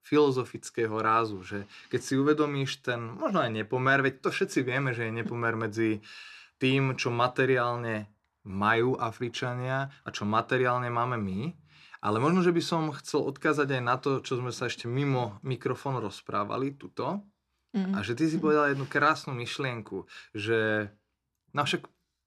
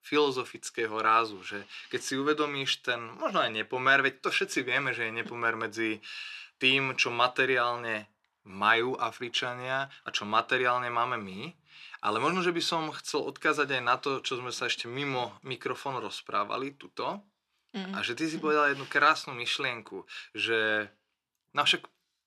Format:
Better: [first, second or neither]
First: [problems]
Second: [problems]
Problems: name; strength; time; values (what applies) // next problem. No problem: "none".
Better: first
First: none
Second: thin; somewhat; fading below 650 Hz